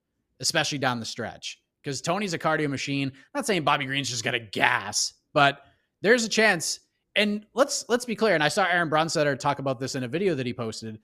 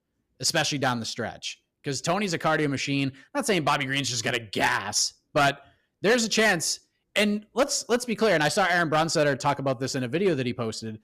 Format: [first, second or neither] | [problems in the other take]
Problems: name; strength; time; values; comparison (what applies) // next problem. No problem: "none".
first | distortion; slight; 4% of the sound clipped